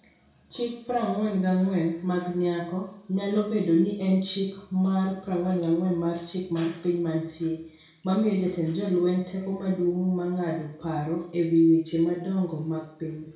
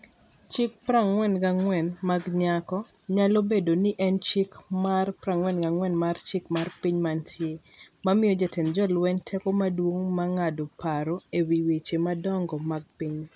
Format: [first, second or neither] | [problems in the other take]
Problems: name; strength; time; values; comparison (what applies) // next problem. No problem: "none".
second | room echo; dies away in 0.5 s